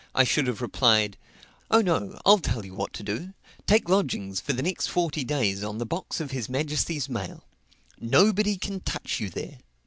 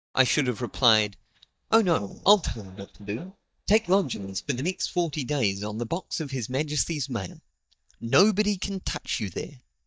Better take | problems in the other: first | noise reduction (neural mask model DeepFilterNet 3)

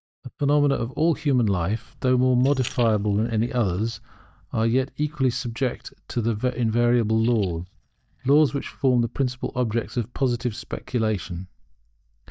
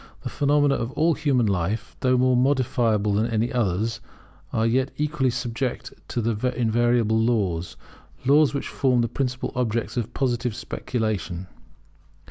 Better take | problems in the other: second | noise reduction (neural mask model DeepFilterNet 3)

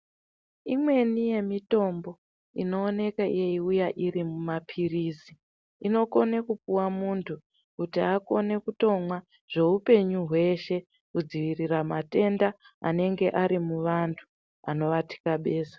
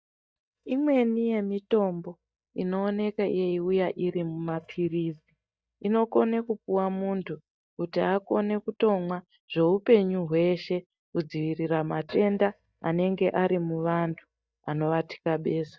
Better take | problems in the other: first | noise reduction (neural mask model DeepFilterNet 3)

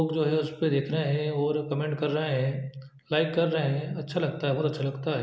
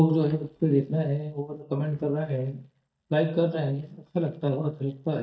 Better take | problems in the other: first | noise reduction (neural mask model DeepFilterNet 3)

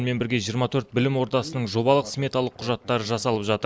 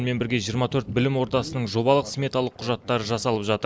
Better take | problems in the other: first | background sound (Thunder / Wind); 19 dB below the speech

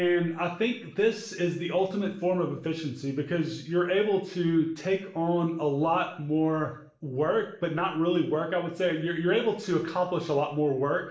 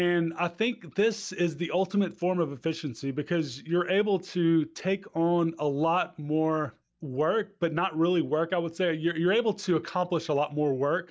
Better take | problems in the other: second | room echo; dies away in 0.5 s

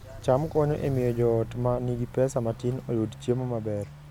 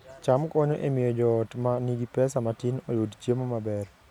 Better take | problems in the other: second | background sound (Walk, footsteps); 13 dB below the speech

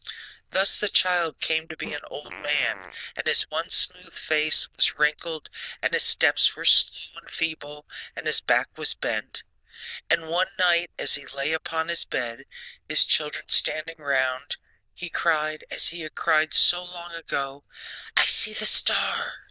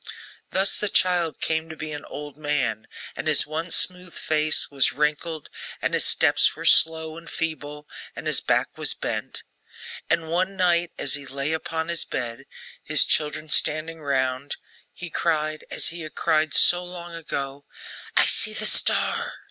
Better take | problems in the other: second | noise reduction (neural diffusion model UNIVERSE++)

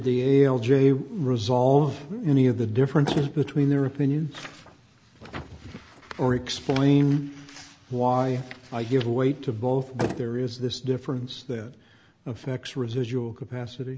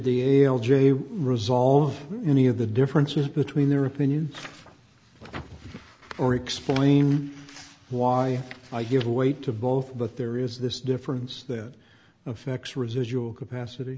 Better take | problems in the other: second | background sound (Motor vehicle (road)); 18 dB below the speech

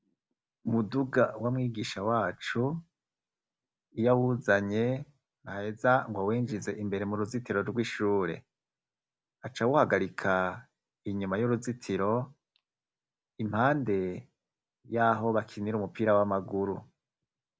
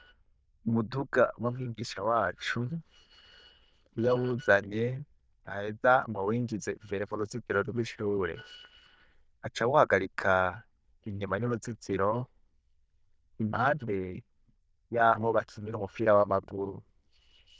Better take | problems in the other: first | noise reduction (neural diffusion model UNIVERSE++)

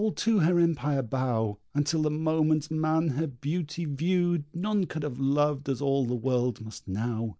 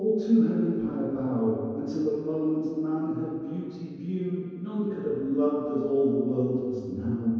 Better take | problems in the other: first | room echo; dies away in 2.2 s

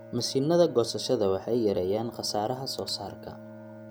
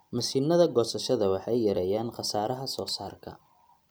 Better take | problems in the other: second | background sound (Wind instrument, woodwind instrument + Bowed string instrument); 18 dB below the speech

